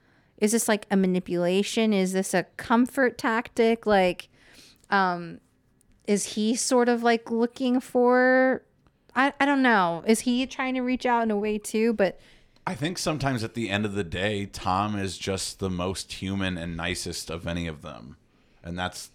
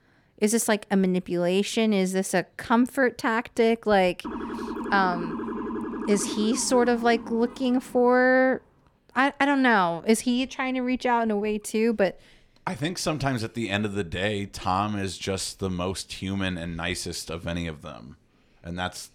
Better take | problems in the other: first | siren; noticeable; from 4 to 8 s; peak 7 dB below the speech

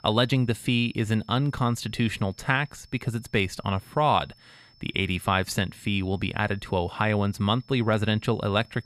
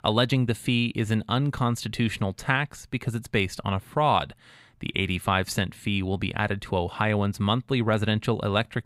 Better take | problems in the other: second | high-pitched whine; faint; throughout; 5.5 kHz, 30 dB below the speech

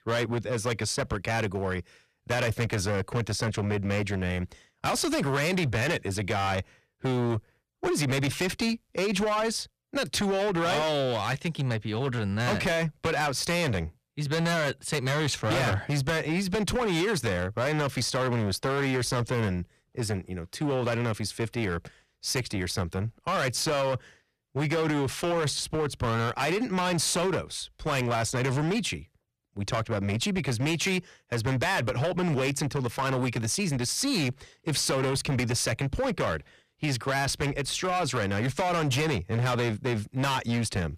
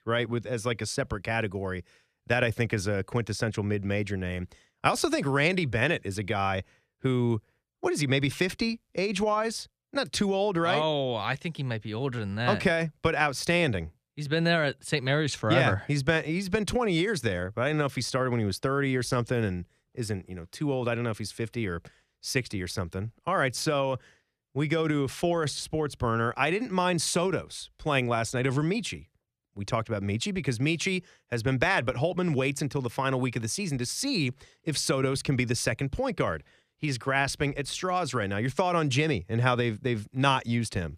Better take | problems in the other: second | distortion; heavy; 19% of the sound clipped

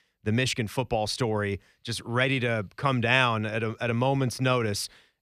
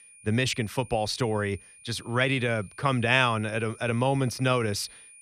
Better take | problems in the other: first | high-pitched whine; faint; throughout; 9.5 kHz, 20 dB below the speech

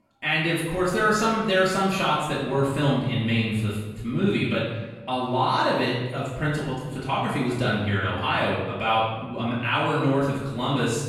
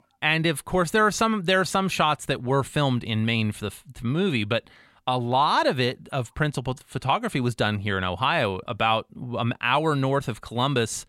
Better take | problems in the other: second | off-mic speech; far // room echo; noticeable; dies away in 1 s

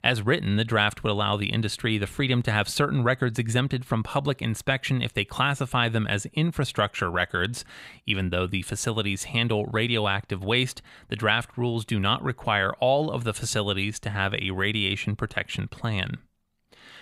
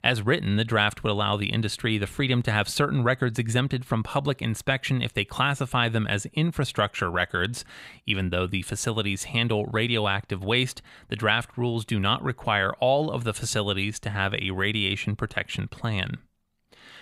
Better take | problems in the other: neither | none

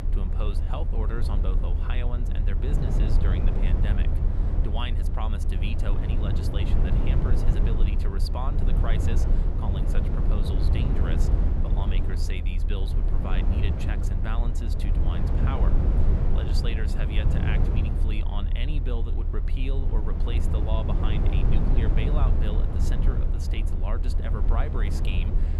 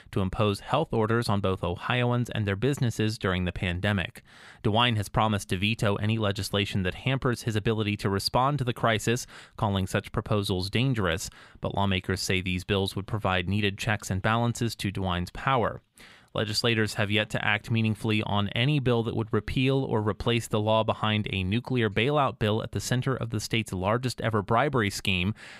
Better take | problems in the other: second | low rumble; loud; throughout; 1 dB below the speech

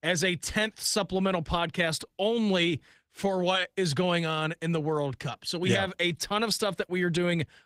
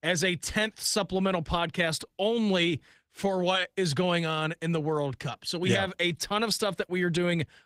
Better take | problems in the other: neither | garbled, watery; slightly; nothing above 15.5 kHz; the same in both

